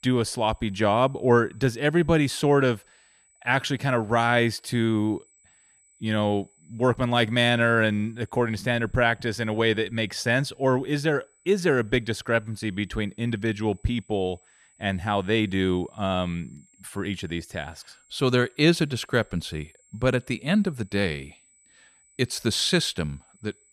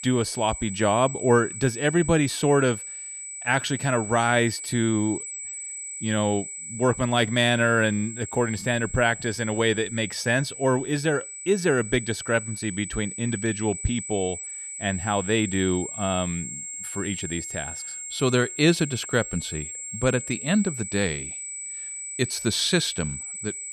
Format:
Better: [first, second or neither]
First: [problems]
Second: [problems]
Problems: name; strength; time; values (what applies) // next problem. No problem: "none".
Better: first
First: high-pitched whine; faint; throughout; 8 kHz, 35 dB below the speech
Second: high-pitched whine; loud; throughout; 8 kHz, 9 dB below the speech